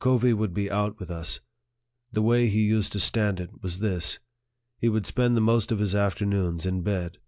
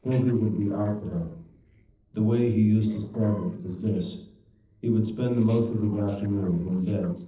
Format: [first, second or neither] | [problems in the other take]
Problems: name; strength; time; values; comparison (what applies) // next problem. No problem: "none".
first | noise reduction (neural separator model SepFormer DNS4)